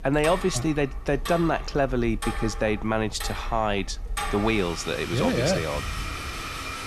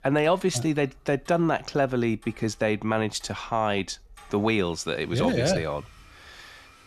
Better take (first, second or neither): second